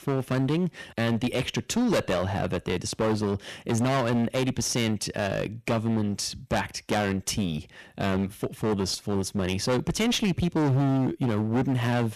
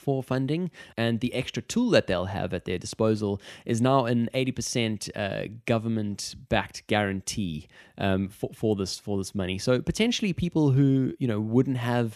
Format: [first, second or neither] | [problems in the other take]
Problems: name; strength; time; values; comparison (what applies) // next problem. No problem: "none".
second | distortion; heavy; 21% of the sound clipped